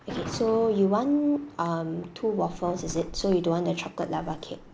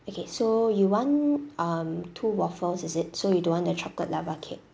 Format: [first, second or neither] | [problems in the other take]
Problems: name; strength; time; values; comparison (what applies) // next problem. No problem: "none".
second | background sound (Chewing, mastication + Thunder); 14 dB below the speech